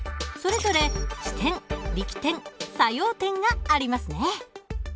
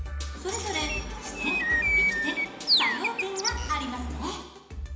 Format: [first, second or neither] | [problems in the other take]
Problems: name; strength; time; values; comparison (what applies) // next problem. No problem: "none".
first | background sound (Bird); 4 dB above the speech // room echo; dies away in 1 s